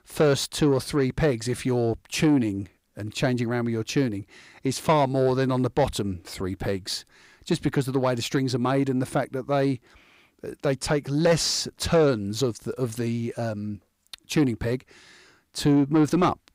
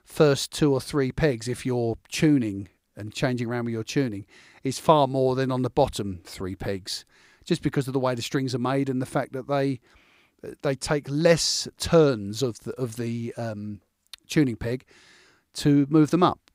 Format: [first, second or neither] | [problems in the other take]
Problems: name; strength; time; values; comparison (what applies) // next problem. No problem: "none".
second | distortion; slight; 10 dB below the speech